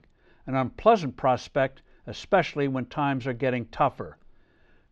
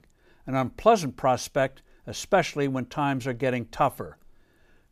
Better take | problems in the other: second | muffled; very slightly; fading above 4 kHz

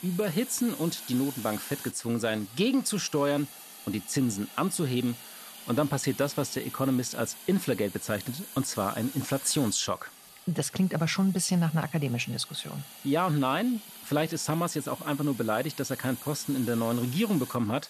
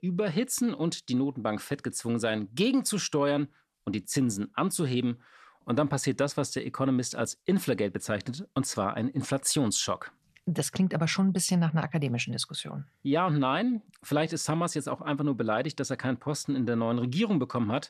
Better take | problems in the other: second | hiss; noticeable; throughout; 15 dB below the speech

